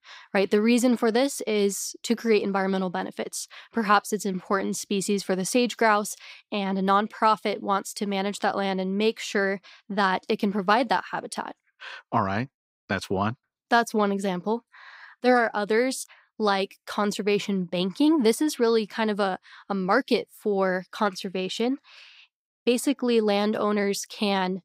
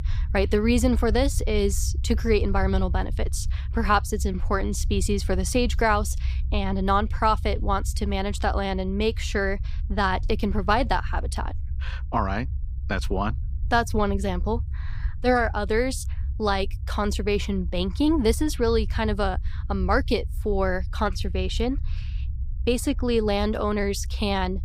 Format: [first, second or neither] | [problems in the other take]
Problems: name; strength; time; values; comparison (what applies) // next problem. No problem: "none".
first | low rumble; faint; throughout; 25 dB below the speech